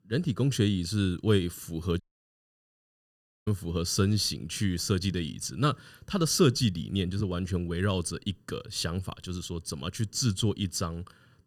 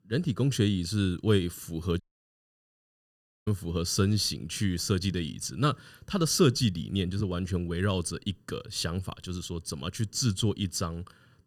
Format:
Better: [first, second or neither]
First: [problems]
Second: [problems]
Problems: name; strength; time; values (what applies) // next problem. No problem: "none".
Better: neither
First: audio cutting out; at 2 s for 1.5 s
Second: audio cutting out; at 2 s for 1.5 s